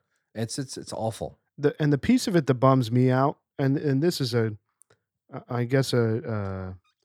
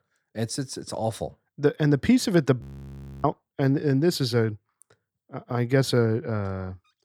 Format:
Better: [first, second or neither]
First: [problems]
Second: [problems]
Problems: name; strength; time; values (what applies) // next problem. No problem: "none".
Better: first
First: none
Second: audio freezing; at 2.5 s for 0.5 s